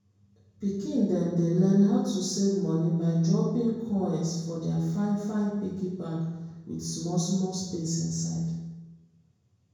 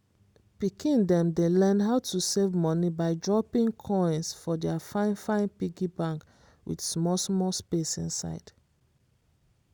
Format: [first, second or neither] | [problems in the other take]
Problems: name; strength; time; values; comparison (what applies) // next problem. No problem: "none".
second | room echo; dies away in 1 s